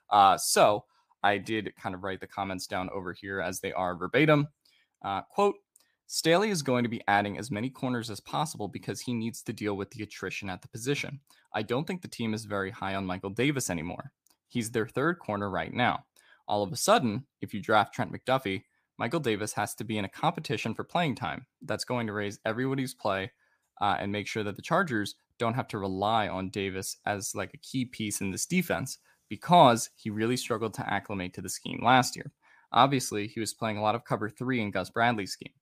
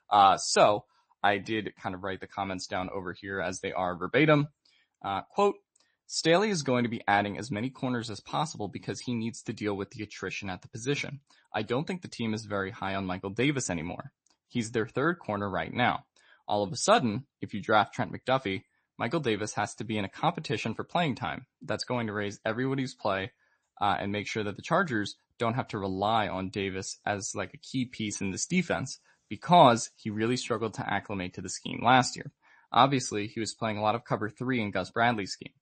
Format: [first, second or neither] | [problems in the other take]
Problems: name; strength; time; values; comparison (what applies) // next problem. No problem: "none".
first | garbled, watery; slightly; nothing above 8 kHz